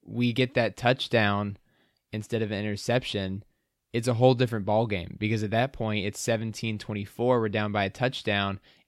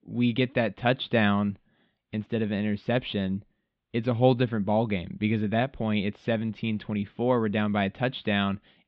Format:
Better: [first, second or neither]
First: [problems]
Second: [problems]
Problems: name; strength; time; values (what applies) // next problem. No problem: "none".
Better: first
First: none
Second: muffled; slightly; fading above 3.5 kHz